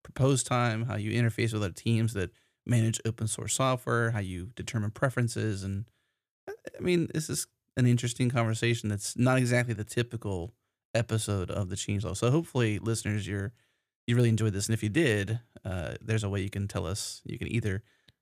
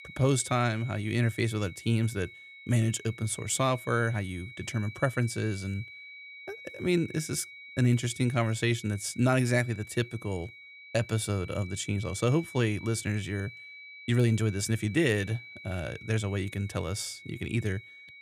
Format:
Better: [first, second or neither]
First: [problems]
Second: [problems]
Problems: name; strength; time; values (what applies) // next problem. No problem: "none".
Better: first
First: none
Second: high-pitched whine; noticeable; throughout; 2.5 kHz, 15 dB below the speech